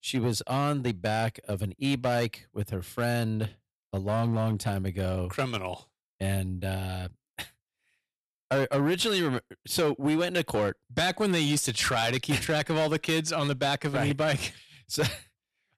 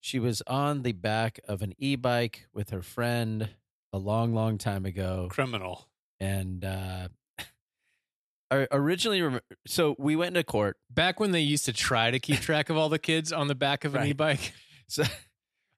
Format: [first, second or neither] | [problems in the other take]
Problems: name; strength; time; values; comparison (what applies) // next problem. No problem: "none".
second | distortion; slight; 7% of the sound clipped